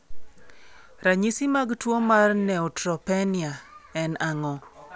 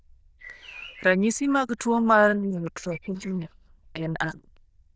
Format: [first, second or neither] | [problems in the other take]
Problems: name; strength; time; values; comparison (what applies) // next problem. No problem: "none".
first | noise reduction (neural diffusion model UNIVERSE++)